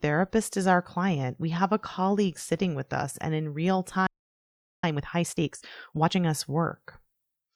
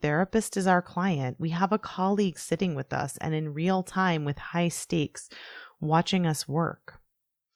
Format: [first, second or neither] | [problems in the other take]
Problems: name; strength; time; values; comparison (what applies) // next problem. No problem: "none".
second | audio freezing; at 4 s for 1 s